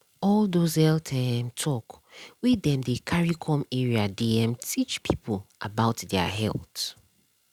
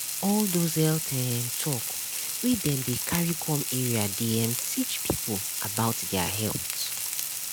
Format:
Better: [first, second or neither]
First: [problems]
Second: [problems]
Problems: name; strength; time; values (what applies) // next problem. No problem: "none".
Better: first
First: none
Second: background sound (Frying (food)); 2 dB below the speech